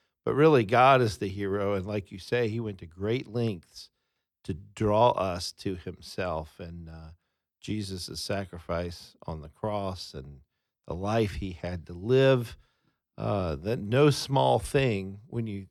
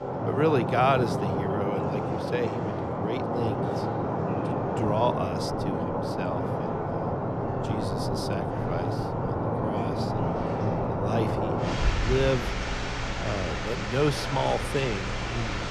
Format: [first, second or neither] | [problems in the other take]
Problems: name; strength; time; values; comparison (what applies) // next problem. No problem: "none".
first | rain or running water; very loud; throughout; 1 dB above the speech